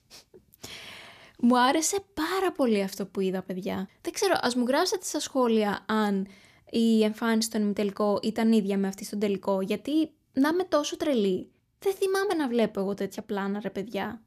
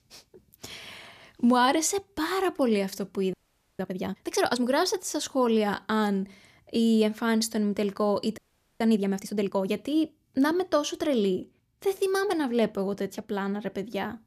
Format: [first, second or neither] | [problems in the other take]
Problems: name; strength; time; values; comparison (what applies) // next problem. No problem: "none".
first | audio freezing; at 3.5 s and at 8.5 s